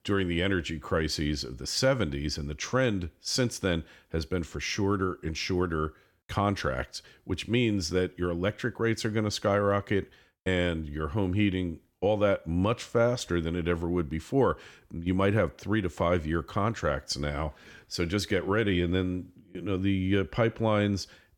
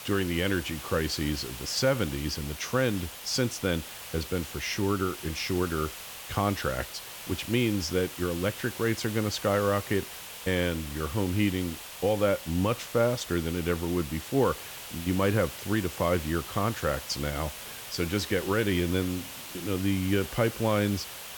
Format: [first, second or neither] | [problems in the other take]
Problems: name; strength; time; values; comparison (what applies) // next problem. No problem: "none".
first | hiss; loud; throughout; 10 dB below the speech